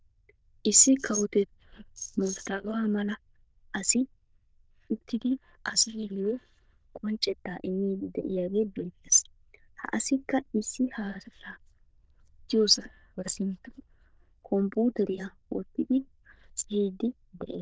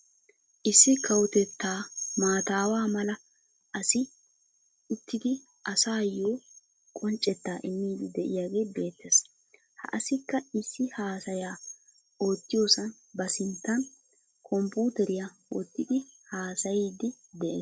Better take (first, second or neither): second